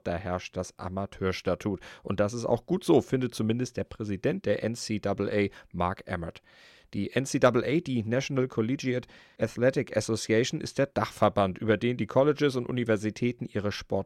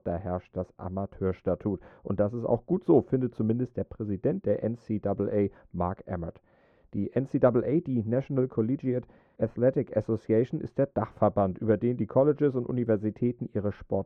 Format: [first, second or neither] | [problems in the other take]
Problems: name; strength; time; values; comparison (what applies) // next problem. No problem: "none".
first | muffled; very; fading above 2 kHz